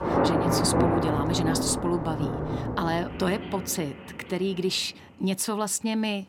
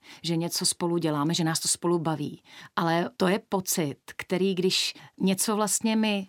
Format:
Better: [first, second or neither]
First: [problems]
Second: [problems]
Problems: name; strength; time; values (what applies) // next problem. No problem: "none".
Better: second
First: rain or running water; very loud; throughout; 1 dB above the speech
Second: none